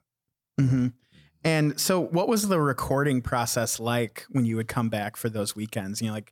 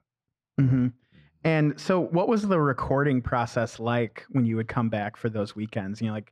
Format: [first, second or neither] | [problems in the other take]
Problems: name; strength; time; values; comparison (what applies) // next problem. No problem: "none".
first | muffled; slightly; fading above 2.5 kHz